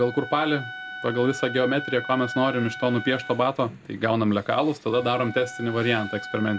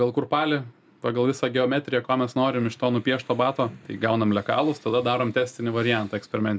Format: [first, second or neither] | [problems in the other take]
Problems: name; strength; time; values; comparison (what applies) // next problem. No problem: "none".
second | background sound (Wind instrument, woodwind instrument); 12 dB below the speech